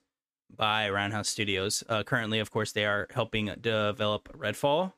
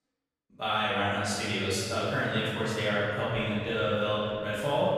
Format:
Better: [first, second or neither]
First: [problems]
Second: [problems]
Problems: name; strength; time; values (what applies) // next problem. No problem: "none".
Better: first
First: none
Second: off-mic speech; far // room echo; strong; dies away in 2.3 s